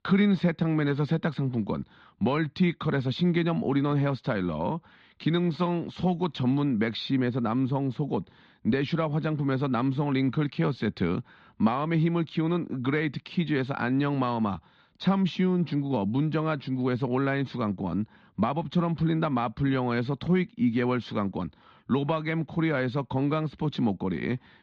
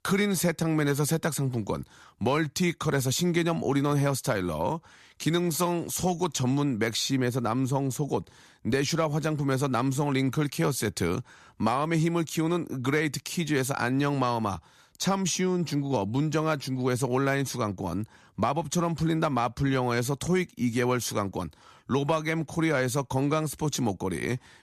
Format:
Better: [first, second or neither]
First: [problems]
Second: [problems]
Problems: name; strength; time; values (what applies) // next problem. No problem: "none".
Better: second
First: muffled; slightly; fading above 4 kHz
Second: none